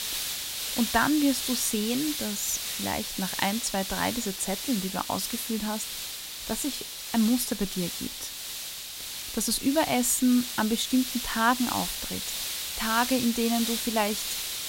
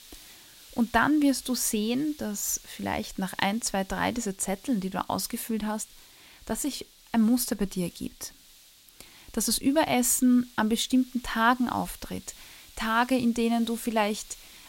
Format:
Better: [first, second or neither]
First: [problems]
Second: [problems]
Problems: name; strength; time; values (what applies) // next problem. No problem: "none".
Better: second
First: hiss; loud; throughout; 4 dB below the speech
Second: hiss; faint; throughout; 25 dB below the speech